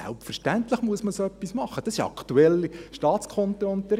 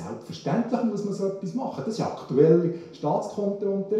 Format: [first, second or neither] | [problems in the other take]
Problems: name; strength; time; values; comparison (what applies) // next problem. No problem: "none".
first | room echo; dies away in 0.6 s